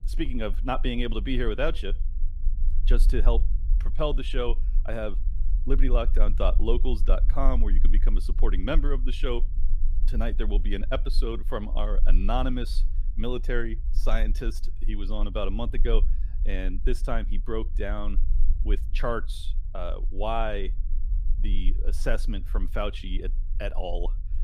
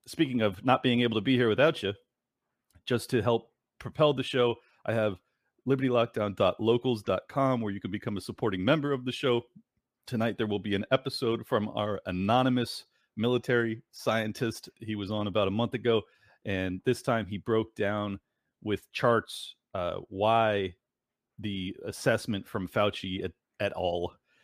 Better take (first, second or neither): second